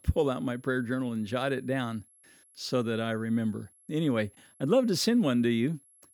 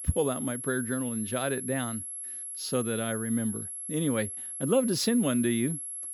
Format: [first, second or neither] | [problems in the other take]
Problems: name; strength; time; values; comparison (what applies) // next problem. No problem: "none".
first | high-pitched whine; loud; throughout; 11 kHz, 5 dB below the speech; faint in the first